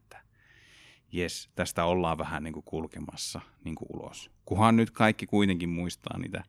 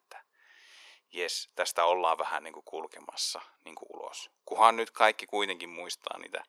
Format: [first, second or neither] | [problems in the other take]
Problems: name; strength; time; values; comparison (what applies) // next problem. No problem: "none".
first | thin; very; fading below 450 Hz